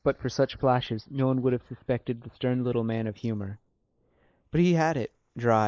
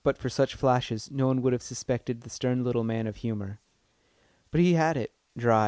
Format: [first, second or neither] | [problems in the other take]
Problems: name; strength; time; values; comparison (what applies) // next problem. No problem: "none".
second | noise reduction (neural mask model Resemble Enhance denoiser)